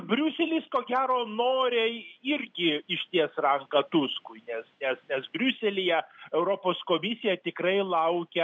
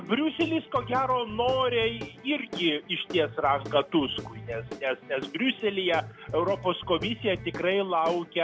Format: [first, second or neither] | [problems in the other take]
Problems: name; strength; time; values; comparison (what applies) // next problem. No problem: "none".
first | background sound (Guitar / Drum); 13 dB below the speech